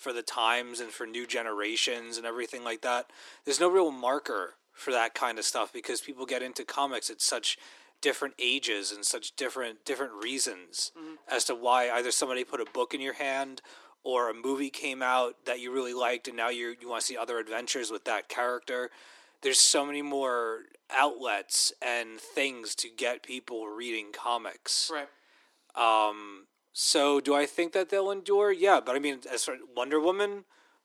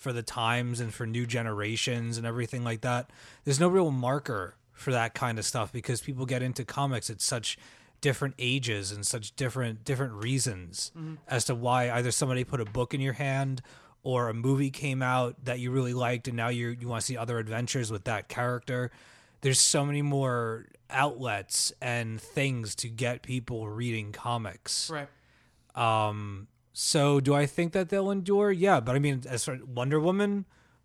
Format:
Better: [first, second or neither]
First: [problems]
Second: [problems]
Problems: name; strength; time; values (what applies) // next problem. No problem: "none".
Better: second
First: thin; somewhat; fading below 300 Hz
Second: none